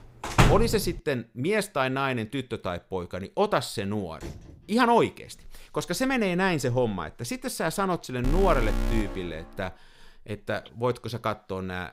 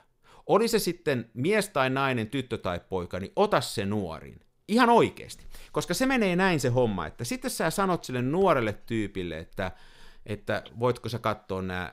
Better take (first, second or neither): second